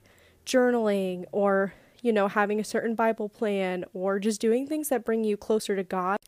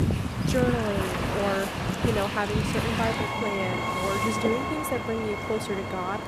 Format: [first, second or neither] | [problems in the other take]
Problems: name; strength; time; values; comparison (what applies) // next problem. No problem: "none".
first | train or aircraft noise; very loud; throughout; 2 dB above the speech